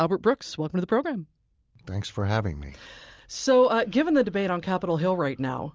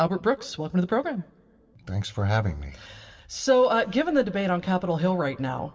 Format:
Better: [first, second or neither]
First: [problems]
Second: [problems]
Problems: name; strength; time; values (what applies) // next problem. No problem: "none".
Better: first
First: none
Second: room echo; dies away in 0.7 s